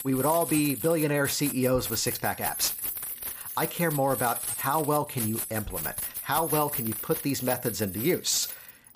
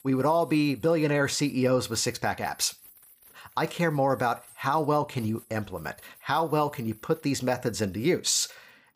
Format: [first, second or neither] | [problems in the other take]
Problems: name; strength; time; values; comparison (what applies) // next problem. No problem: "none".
second | household noises; loud; throughout; 4 dB below the speech; faint in the second